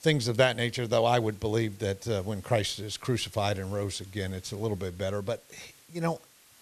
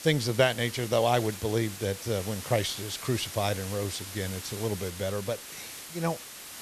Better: first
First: hiss; faint; throughout; 25 dB below the speech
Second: hiss; loud; throughout; 10 dB below the speech

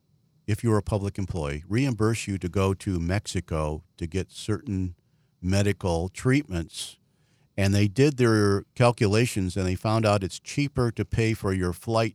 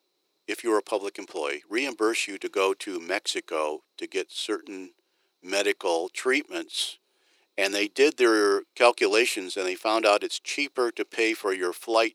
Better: first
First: none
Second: thin; very; fading below 350 Hz

